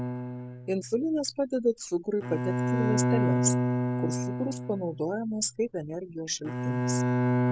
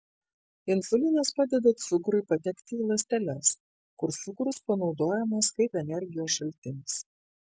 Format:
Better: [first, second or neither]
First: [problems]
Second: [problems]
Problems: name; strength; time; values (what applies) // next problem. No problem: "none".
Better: second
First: background sound (Bowed string instrument); 2 dB above the speech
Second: none